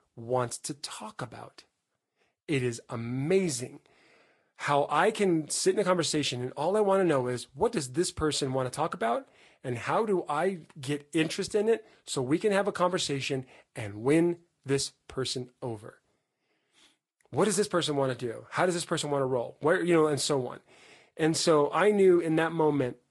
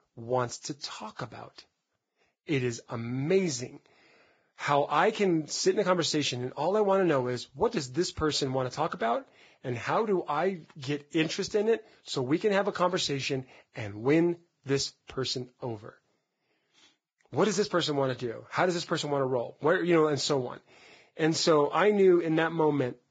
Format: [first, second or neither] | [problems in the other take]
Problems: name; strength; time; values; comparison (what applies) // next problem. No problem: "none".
first | garbled, watery; badly; nothing above 7.5 kHz; slightly in the first